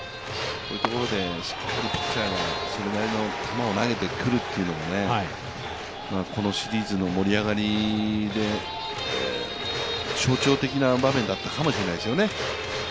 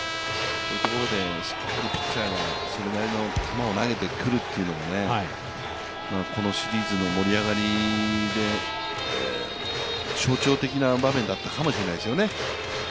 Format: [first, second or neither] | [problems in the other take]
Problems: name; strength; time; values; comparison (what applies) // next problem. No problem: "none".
first | background sound (Trumpet + Thump, thud); 9 dB below the speech